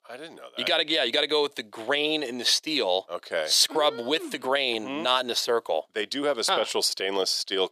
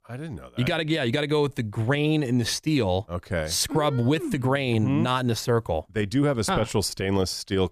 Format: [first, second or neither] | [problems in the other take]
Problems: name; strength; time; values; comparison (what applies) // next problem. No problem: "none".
second | thin; very; fading below 400 Hz